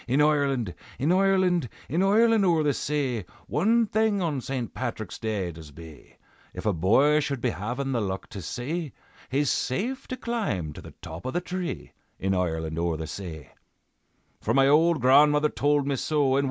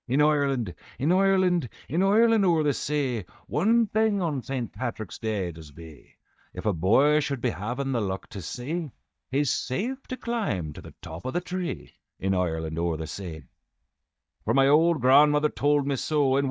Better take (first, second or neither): first